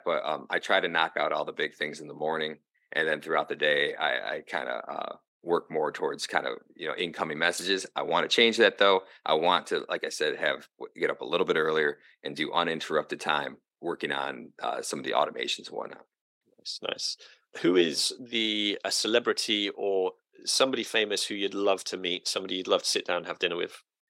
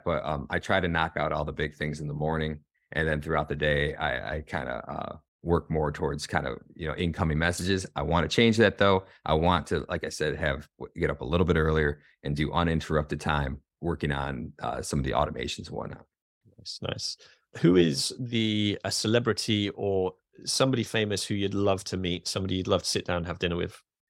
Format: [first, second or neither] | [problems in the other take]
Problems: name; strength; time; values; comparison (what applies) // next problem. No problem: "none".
second | thin; somewhat; fading below 300 Hz